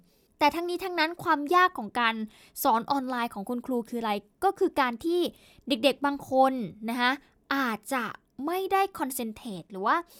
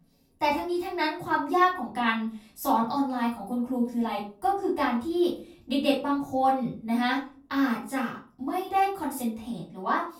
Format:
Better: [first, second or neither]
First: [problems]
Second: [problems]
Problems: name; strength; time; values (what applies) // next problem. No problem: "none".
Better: first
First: none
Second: off-mic speech; far // room echo; slight; dies away in 0.3 s